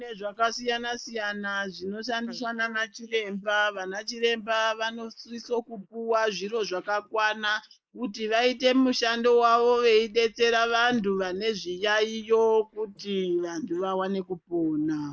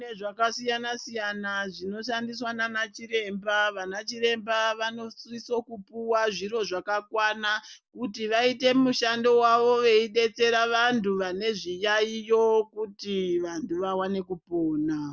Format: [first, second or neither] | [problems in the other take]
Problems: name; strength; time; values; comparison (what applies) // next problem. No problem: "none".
second | noise reduction (neural mask model Resemble Enhance denoiser)